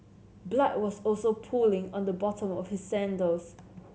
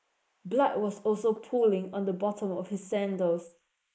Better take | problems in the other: first | noise reduction (neural mask model Resemble Enhance denoiser)

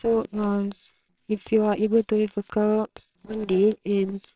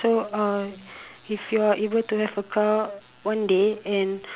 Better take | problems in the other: second | noise reduction (neural separator model SepFormer WHAMR!)

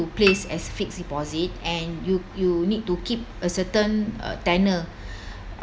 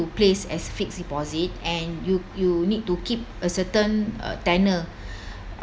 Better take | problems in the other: second | background sound (Piano); 8 dB below the speech

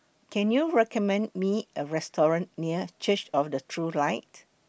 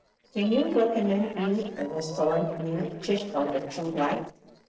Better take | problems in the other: first | noise reduction (neural separator model SepFormer DNS4)

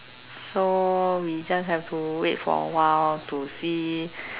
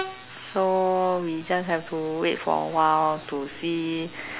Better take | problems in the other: first | background sound (Train); 19 dB below the speech

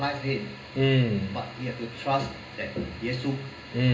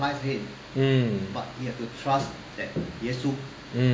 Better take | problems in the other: second | room echo; dies away in 0.2 s

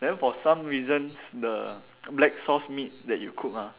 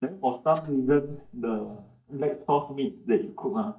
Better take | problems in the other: first | noise reduction (neural mask model DeepFilterNet 3)

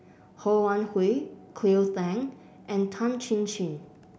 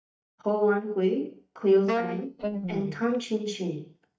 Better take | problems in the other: first | noise reduction (neural mask model DeepFilterNet 3)

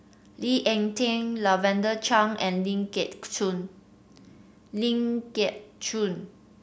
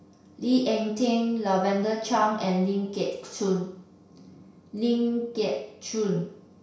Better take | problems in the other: first | room echo; dies away in 0.6 s

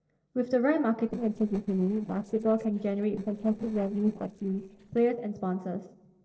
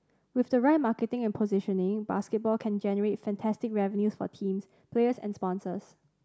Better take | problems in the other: second | noise reduction (neural separator model SepFormer DNS4)

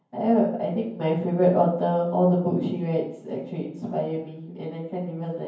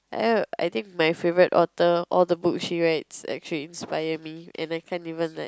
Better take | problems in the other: second | room echo; dies away in 0.9 s

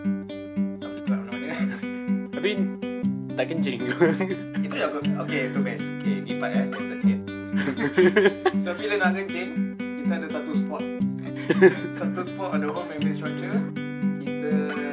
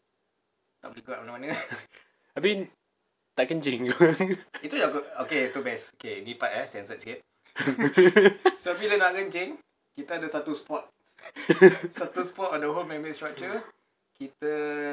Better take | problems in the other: second | background sound (Acoustic guitar); as loud as the speech

